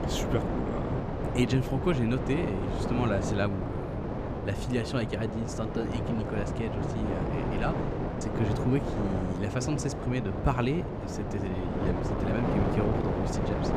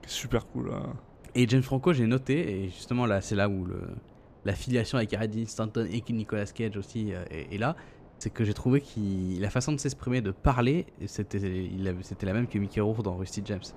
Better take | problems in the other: second | wind noise on the microphone; heavy; as loud as the speech; occasional gusts in the second

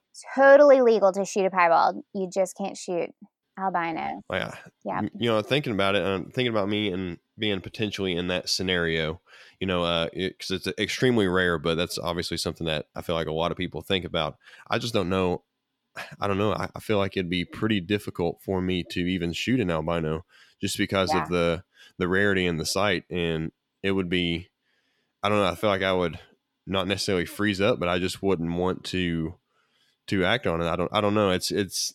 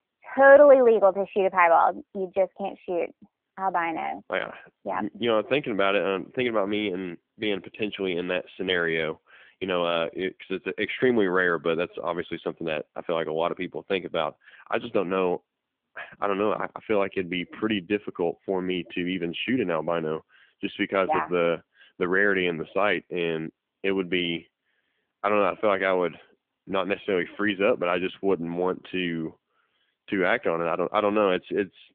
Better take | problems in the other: first | phone-call audio; nothing above 3.5 kHz

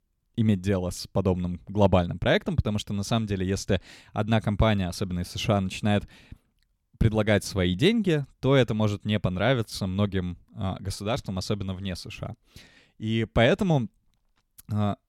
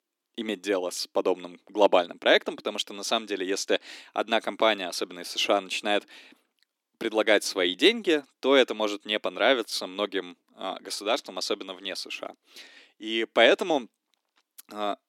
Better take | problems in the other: first | thin; very; fading below 300 Hz

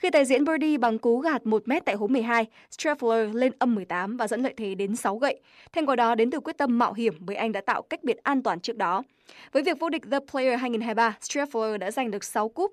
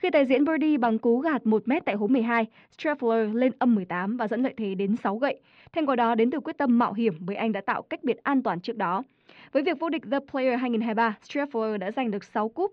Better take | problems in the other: first | muffled; slightly; fading above 3.5 kHz

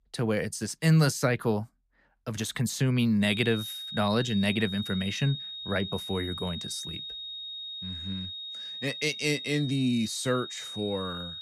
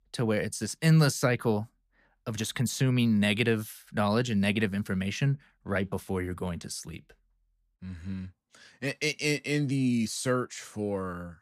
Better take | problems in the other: second | high-pitched whine; loud; from 3 s on; 3.5 kHz, 8 dB below the speech

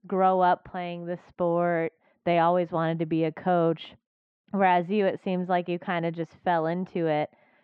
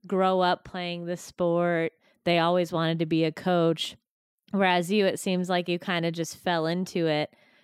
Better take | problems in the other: second | muffled; very; fading above 2.5 kHz

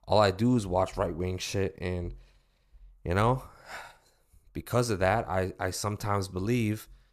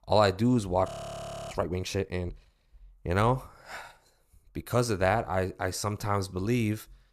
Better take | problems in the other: first | audio freezing; at 1 s for 0.5 s

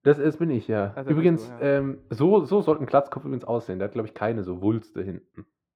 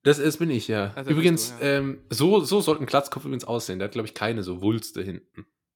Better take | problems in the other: second | muffled; very; fading above 3 kHz

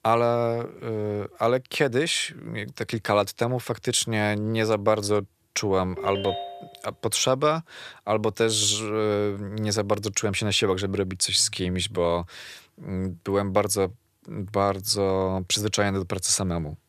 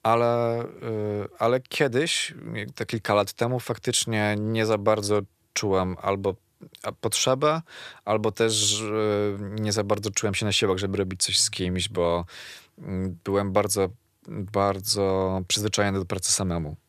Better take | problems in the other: second | phone ringing; noticeable; at 6 s; peak 6 dB below the speech

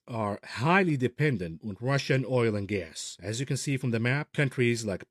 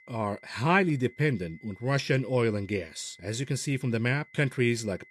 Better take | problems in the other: first | high-pitched whine; faint; throughout; 2 kHz, 25 dB below the speech

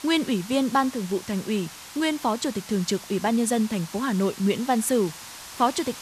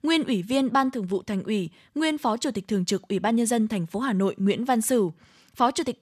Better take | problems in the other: second | hiss; noticeable; throughout; 15 dB below the speech

